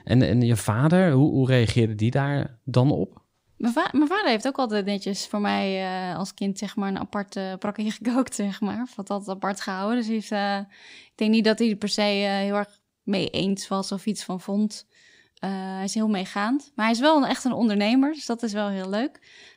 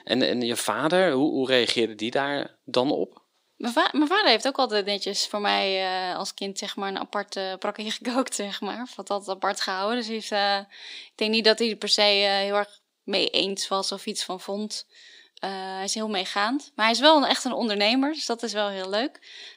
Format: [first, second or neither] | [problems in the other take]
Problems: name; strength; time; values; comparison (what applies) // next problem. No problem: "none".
first | thin; somewhat; fading below 300 Hz